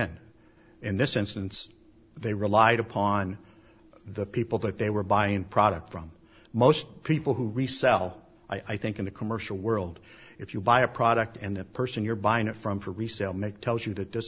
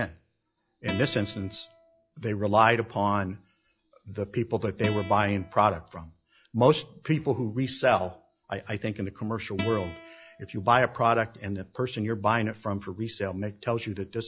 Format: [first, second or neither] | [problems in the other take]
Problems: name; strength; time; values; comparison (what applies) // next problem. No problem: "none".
first | noise reduction (classical method log-MMSE)